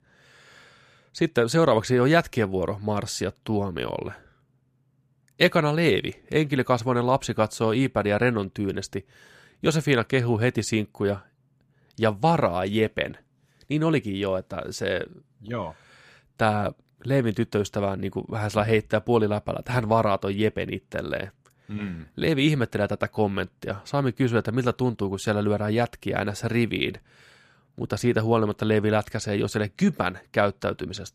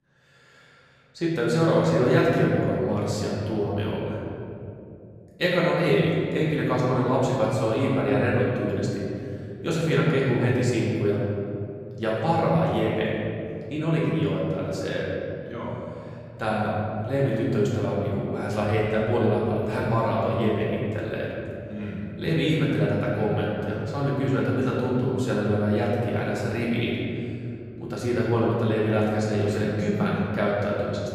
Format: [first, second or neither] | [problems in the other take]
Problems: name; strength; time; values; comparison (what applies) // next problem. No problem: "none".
first | room echo; strong; dies away in 3 s // off-mic speech; far